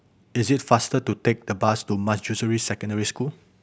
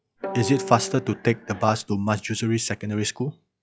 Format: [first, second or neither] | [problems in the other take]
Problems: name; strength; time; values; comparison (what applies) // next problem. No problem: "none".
first | noise reduction (classical method log-MMSE)